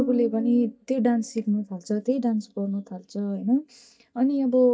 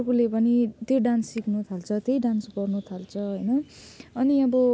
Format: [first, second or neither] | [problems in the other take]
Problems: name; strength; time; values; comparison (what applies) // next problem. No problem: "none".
second | noise reduction (neural mask model DeepFilterNet 3)